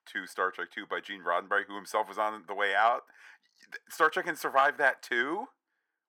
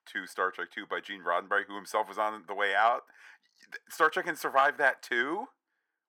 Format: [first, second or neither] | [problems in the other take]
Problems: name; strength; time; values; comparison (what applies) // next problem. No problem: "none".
neither | thin; somewhat; fading below 450 Hz; the same in both